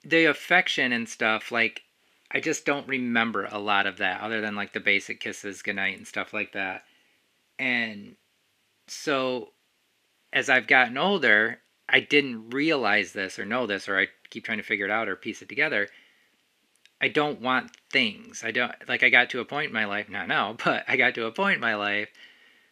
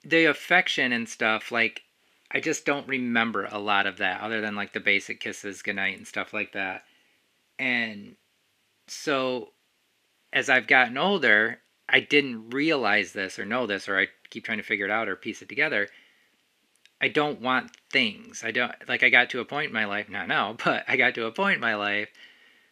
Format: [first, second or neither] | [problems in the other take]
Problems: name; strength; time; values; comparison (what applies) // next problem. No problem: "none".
neither | thin; very slightly; fading below 300 Hz; the same in both